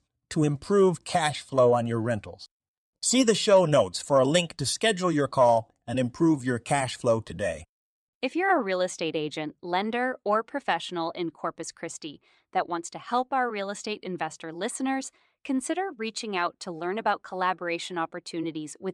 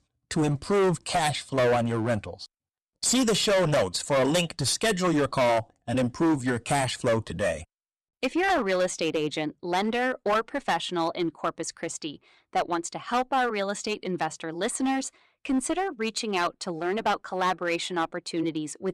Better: first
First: none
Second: distortion; heavy; 11% of the sound clipped

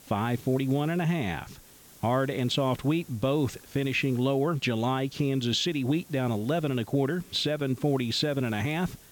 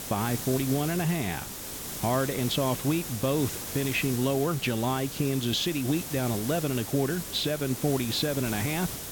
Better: first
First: hiss; faint; throughout; 25 dB below the speech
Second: hiss; loud; throughout; 7 dB below the speech

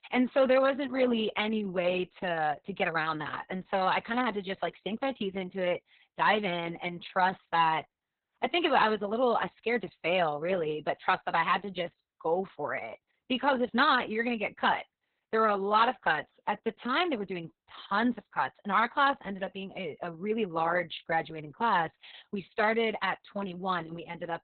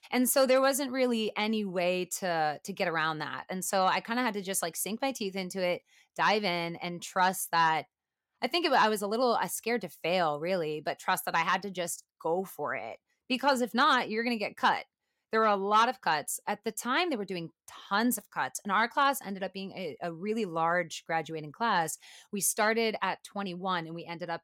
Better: second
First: garbled, watery; badly; nothing above 4 kHz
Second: none

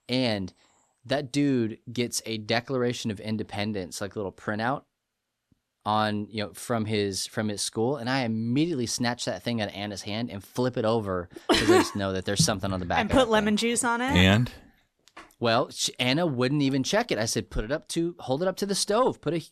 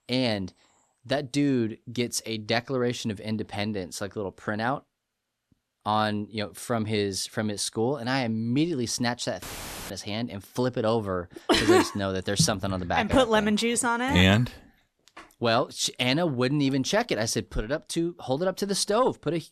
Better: first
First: none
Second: audio cutting out; filled with static; at 9.5 s

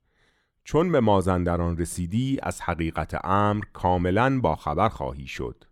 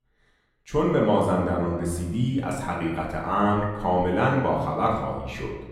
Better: first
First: none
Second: room echo; noticeable; dies away in 1 s // off-mic speech; far

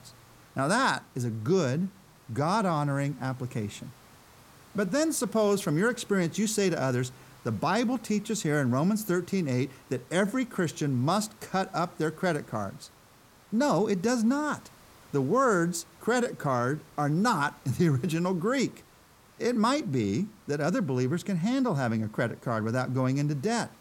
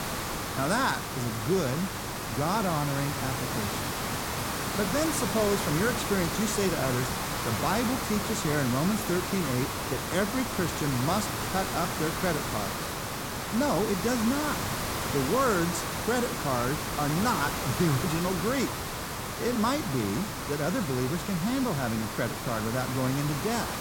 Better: first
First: hiss; faint; throughout; 25 dB below the speech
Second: hiss; loud; throughout; 2 dB below the speech

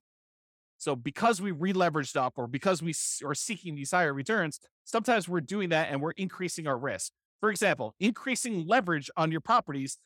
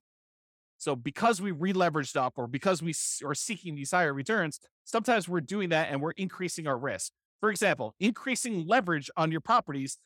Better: neither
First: none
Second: none

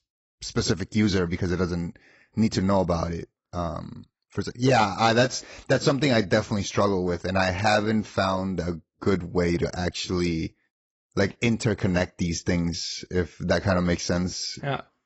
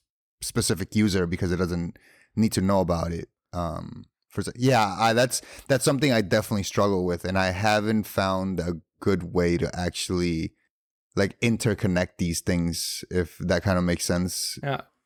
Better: second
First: garbled, watery; badly; nothing above 8 kHz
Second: none

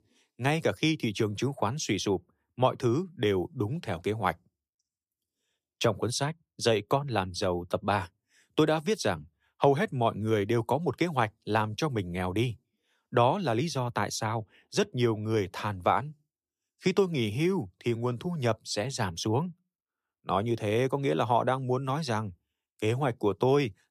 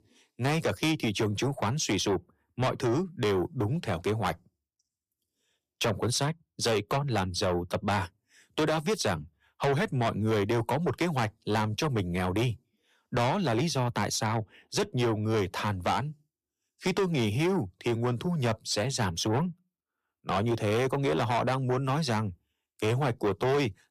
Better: first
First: none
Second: distortion; heavy; 7 dB below the speech

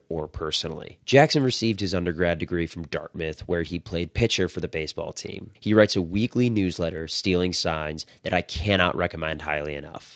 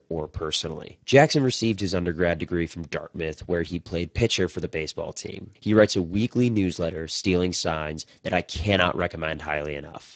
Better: first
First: garbled, watery; slightly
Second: garbled, watery; badly; nothing above 7.5 kHz

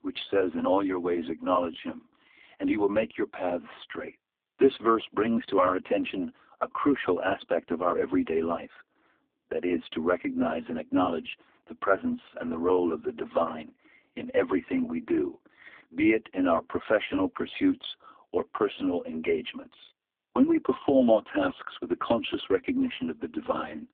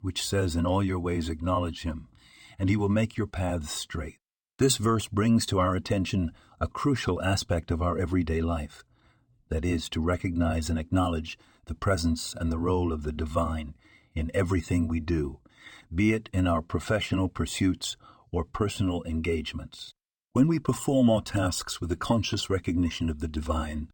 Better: second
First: phone-call audio; poor line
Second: none

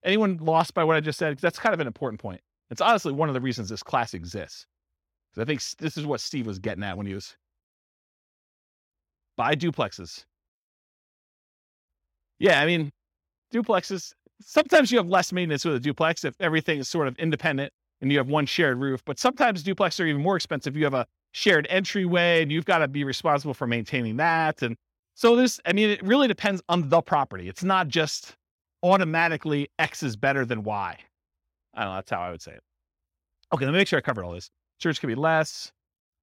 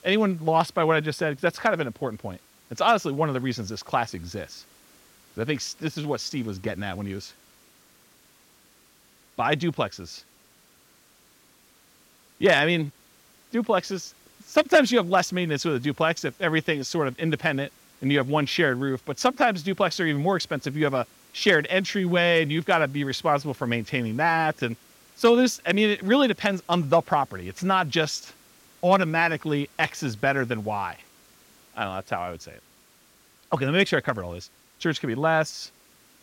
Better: first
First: none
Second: hiss; faint; throughout; 30 dB below the speech

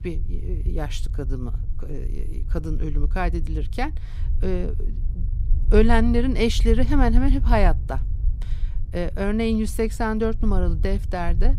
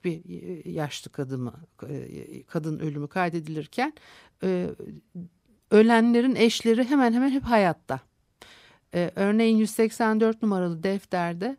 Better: second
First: low rumble; noticeable; throughout; 20 dB below the speech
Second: none

